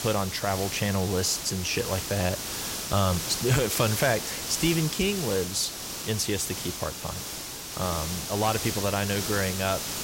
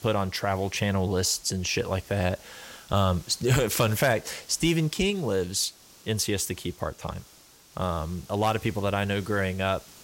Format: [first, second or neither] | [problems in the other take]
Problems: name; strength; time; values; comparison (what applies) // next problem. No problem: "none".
second | hiss; loud; throughout; 4 dB below the speech; faint in the second